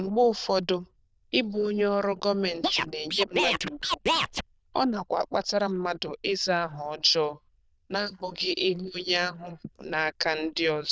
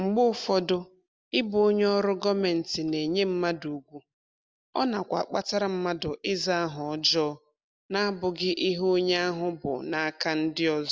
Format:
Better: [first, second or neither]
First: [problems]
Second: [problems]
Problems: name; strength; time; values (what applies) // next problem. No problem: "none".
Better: second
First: noise reduction (neural diffusion model UNIVERSE++)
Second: none